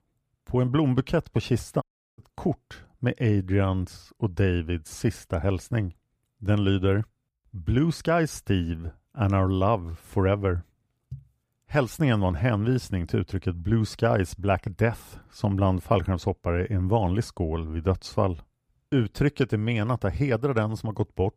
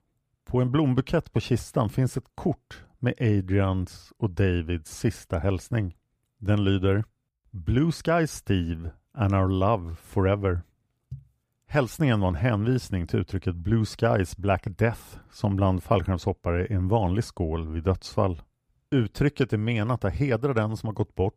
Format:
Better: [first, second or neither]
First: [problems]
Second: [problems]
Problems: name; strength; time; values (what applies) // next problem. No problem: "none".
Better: second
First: audio cutting out; at 2 s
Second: none